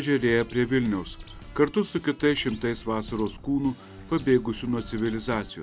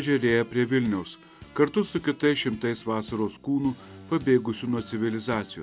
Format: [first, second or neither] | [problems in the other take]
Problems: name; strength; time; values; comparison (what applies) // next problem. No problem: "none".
second | background sound (Bird); 17 dB below the speech